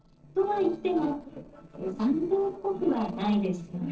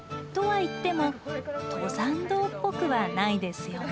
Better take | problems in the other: second | noise reduction (neural separator model SepFormer DNS4)

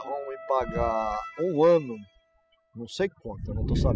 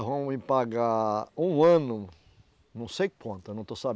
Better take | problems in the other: second | noise reduction (classical method spectral subtraction)

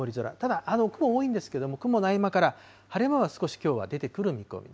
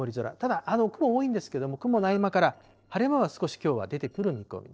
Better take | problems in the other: first | noise reduction (neural separator model SepFormer DNS4)

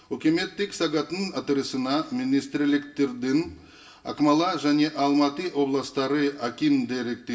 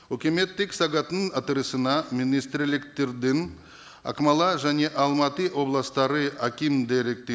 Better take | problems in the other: second | room echo; dies away in 0.2 s

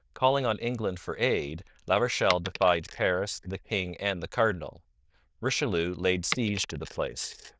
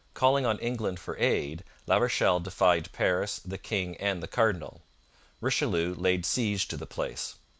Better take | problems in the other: second | noise reduction (neural diffusion model UNIVERSE++)

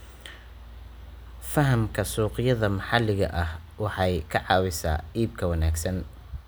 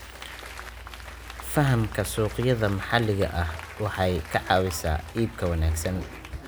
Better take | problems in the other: first | background sound (Applause / Crowd); 15 dB below the speech

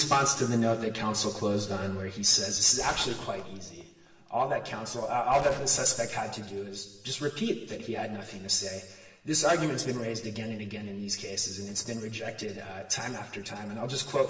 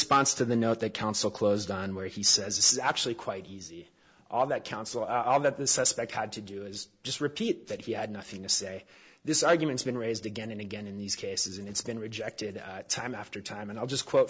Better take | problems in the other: second | background sound (Gunshot, gunfire); 16 dB below the speech // room echo; dies away in 1.1 s

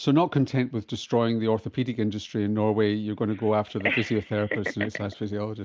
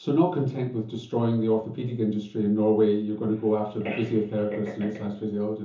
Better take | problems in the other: first | room echo; dies away in 0.6 s

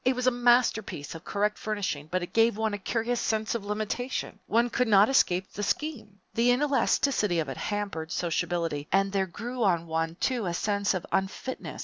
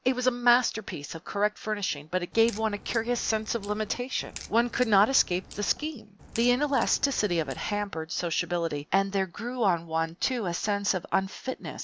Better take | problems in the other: first | background sound (Crack); 18 dB below the speech

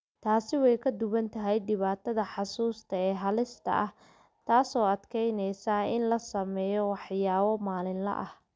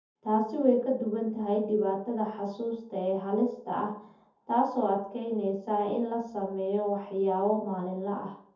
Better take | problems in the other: first | room echo; dies away in 0.5 s

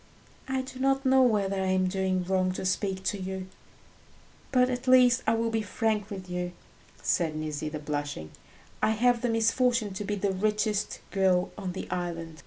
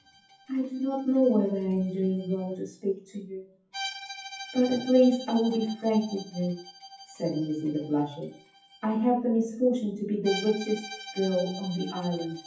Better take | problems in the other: first | noise reduction (classical method WPE with log-MMSE)

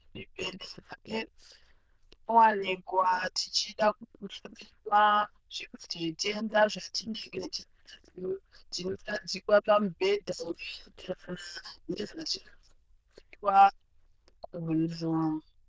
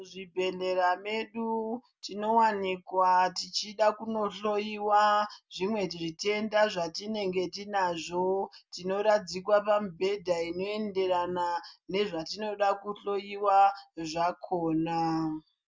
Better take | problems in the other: second | noise reduction (neural diffusion model UNIVERSE++)

